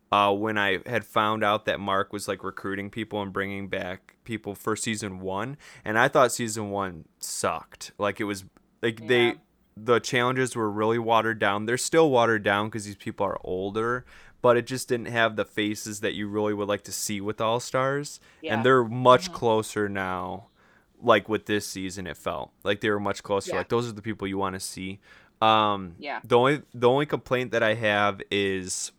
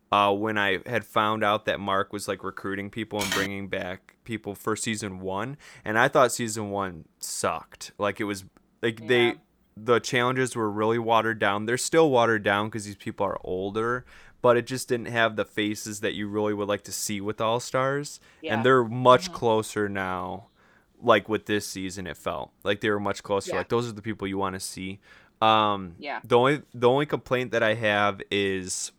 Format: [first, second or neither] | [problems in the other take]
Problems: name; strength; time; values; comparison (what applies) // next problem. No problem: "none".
first | phone ringing; noticeable; at 3 s; peak 3 dB below the speech